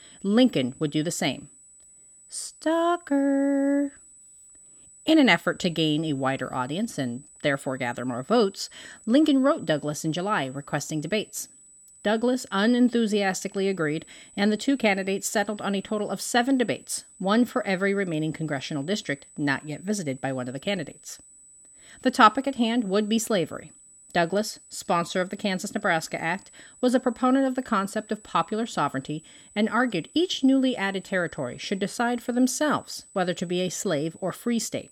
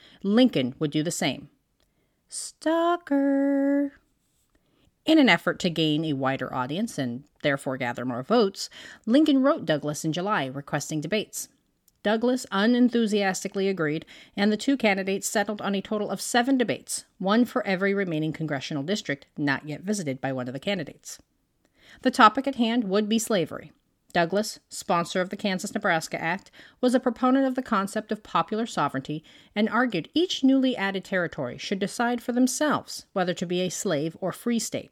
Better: second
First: high-pitched whine; faint; throughout; 8 kHz, 25 dB below the speech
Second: none

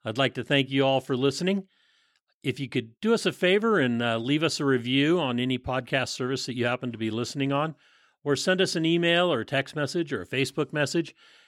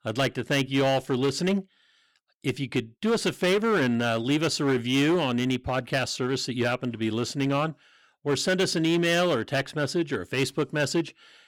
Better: first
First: none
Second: distortion; slight; 8% of the sound clipped

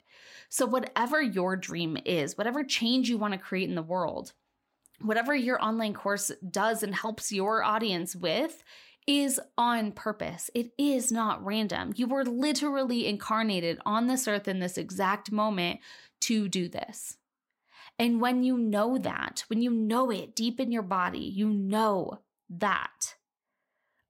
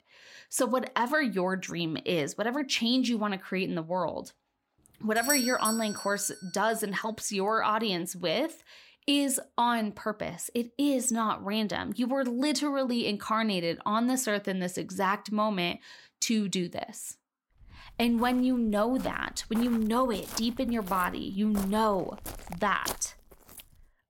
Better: first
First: none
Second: doorbell; loud; at 5 s; peak 1 dB above the speech // footsteps; noticeable; from 18 s on; peak 7 dB below the speech

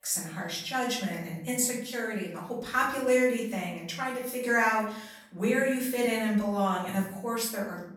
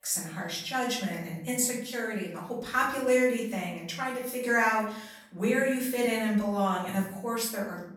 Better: neither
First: off-mic speech; far // room echo; noticeable; dies away in 0.6 s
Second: off-mic speech; far // room echo; noticeable; dies away in 0.6 s

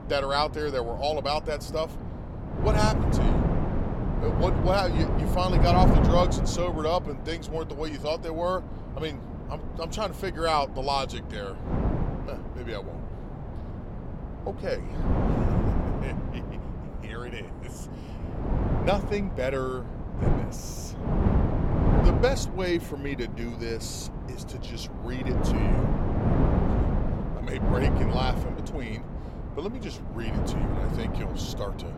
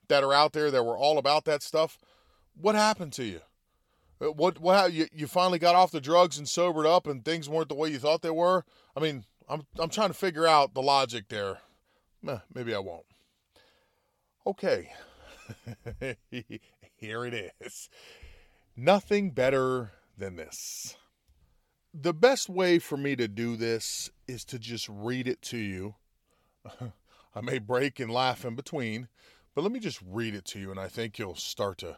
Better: second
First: wind noise on the microphone; heavy; 5 dB below the speech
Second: none

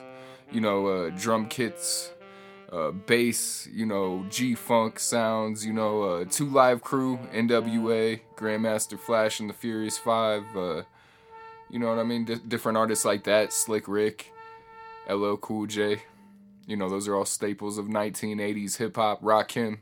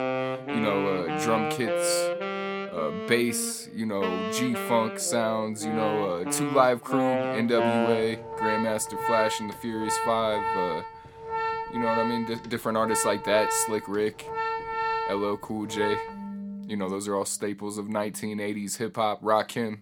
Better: first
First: background music; faint; throughout; 20 dB below the speech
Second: background music; loud; throughout; 3 dB below the speech

